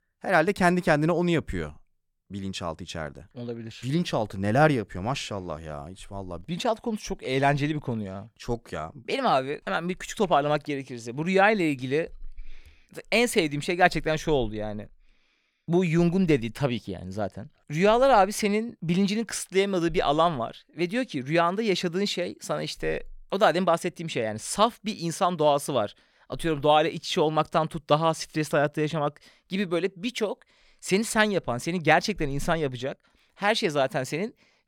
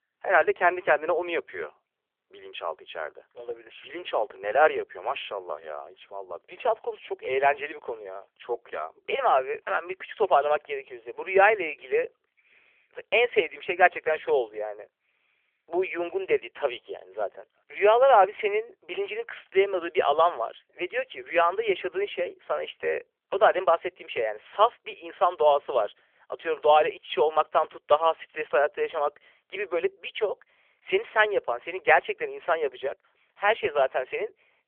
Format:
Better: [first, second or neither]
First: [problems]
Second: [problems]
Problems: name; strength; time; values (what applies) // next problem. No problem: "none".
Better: first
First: none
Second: phone-call audio; nothing above 3.5 kHz